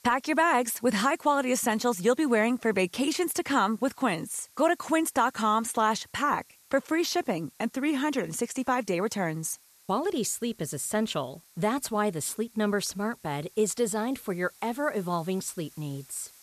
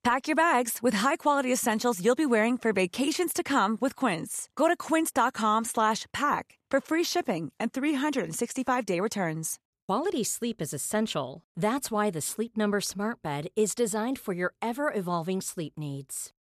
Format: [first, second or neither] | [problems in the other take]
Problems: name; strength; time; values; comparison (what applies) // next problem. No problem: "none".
second | hiss; faint; throughout; 25 dB below the speech